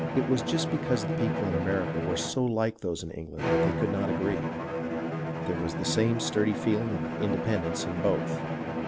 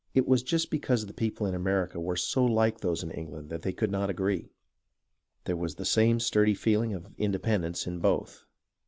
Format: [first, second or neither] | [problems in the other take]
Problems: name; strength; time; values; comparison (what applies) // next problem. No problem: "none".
second | background sound (Bowed string instrument); 1 dB below the speech